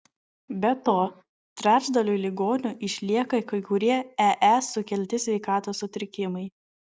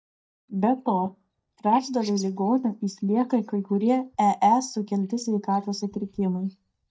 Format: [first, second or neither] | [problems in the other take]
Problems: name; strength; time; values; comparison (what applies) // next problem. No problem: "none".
first | noise reduction (neural mask model DeepFilterNet 3)